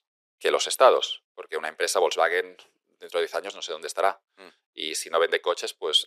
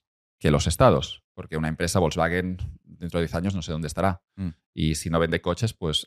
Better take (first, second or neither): second